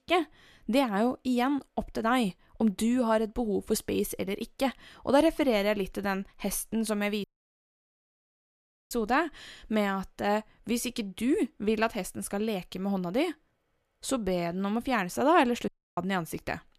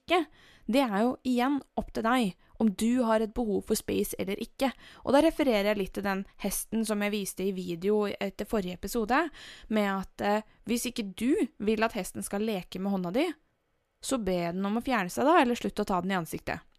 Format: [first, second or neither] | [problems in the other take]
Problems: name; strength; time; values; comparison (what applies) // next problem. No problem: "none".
second | audio cutting out; at 7 s for 1.5 s and at 16 s